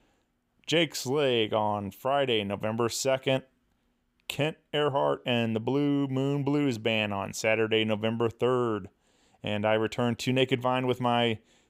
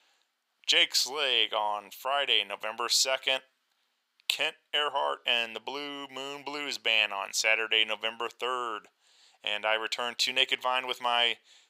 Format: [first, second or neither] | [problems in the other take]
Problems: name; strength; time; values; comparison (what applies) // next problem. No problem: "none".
first | thin; very; fading below 950 Hz